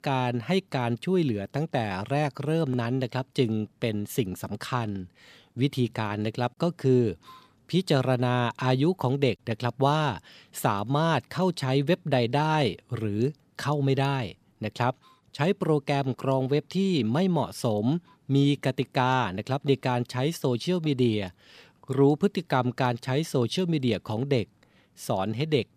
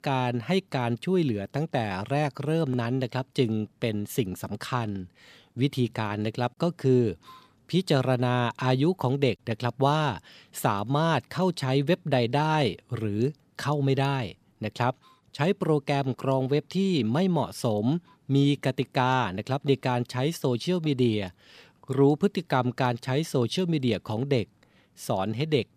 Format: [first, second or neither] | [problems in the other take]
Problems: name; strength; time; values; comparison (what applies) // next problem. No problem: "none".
neither | none